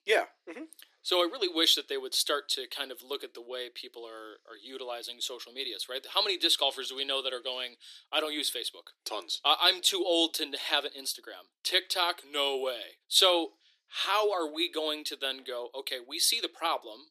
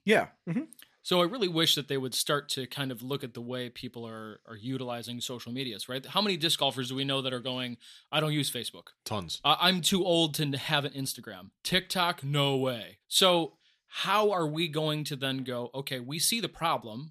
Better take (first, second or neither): second